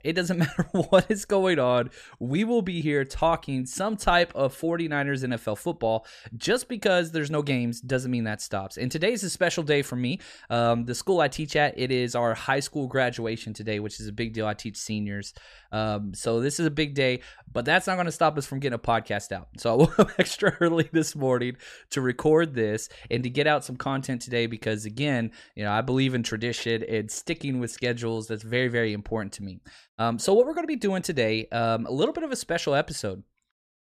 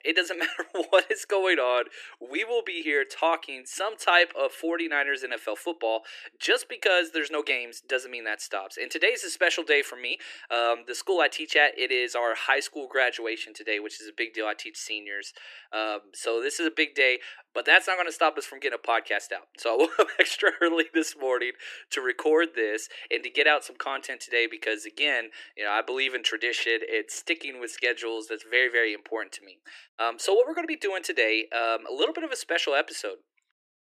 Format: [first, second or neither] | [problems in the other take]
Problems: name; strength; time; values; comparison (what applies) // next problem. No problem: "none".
first | thin; very; fading below 300 Hz